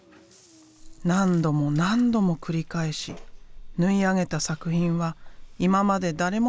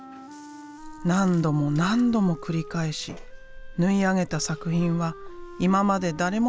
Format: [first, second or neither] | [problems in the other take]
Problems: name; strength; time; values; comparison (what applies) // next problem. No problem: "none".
first | background sound (Wind instrument, woodwind instrument); 19 dB below the speech